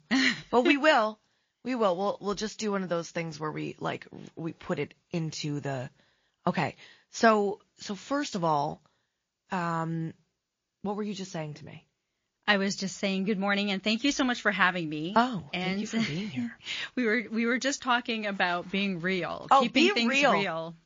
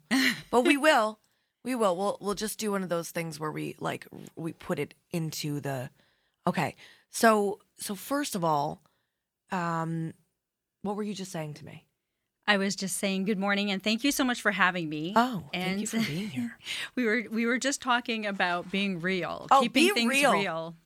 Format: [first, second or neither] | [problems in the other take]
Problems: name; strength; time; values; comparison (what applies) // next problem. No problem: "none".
second | garbled, watery; slightly; nothing above 6.5 kHz